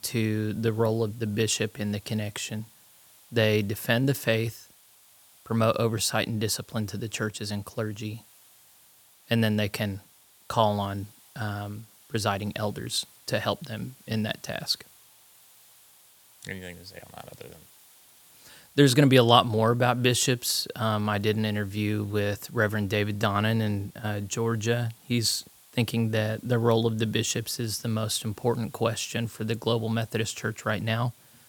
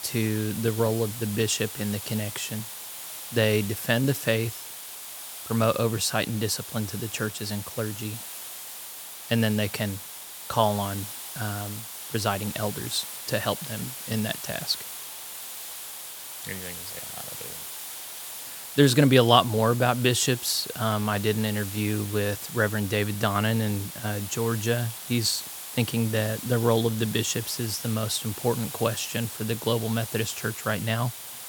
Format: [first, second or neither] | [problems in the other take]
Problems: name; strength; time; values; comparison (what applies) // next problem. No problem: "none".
first | hiss; loud; throughout; 9 dB below the speech; faint in the first